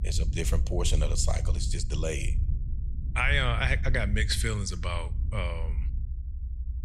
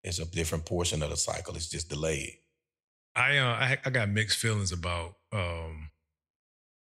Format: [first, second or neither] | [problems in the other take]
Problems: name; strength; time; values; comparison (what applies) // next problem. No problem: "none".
second | low rumble; noticeable; throughout; 20 dB below the speech